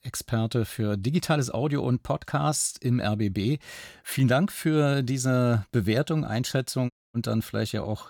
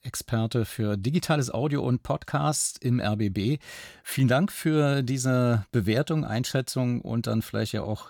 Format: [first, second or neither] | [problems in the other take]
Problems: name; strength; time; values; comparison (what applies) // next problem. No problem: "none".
second | audio cutting out; at 7 s